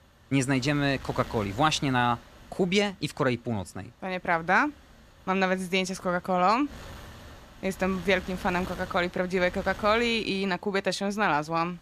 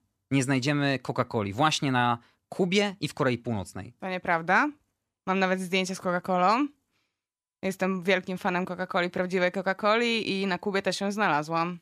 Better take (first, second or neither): second